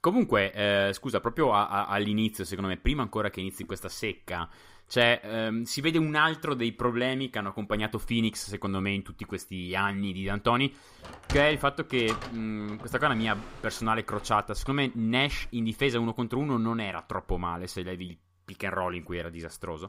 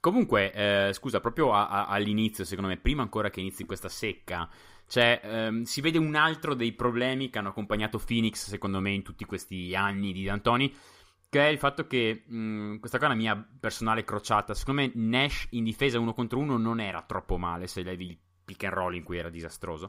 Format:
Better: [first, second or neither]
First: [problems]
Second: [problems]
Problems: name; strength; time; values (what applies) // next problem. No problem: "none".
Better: second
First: door banging; noticeable; from 11 to 15 s; peak 7 dB below the speech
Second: none